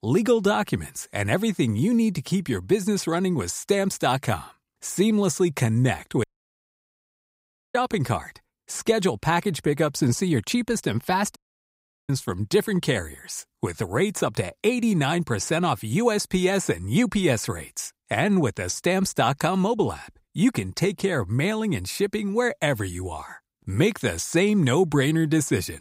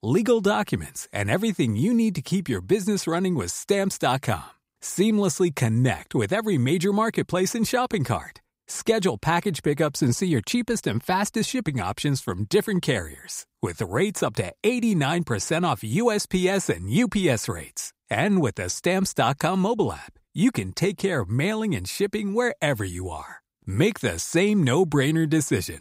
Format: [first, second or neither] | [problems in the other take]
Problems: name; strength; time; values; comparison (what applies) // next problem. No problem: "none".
second | audio cutting out; at 6 s for 1.5 s and at 11 s for 0.5 s